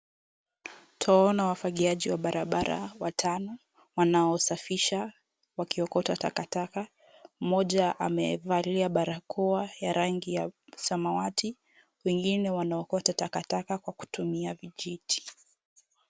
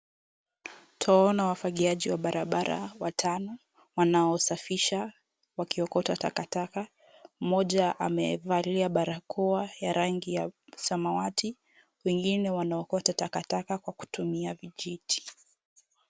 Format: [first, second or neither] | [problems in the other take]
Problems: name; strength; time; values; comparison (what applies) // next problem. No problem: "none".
second | background sound (Whoosh, swoosh, swish); 18 dB below the speech